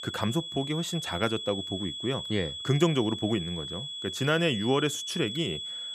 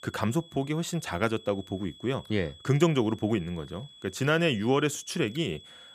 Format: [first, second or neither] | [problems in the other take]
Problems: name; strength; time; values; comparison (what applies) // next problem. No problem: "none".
second | high-pitched whine; loud; throughout; 3.5 kHz, 5 dB below the speech; faint in the second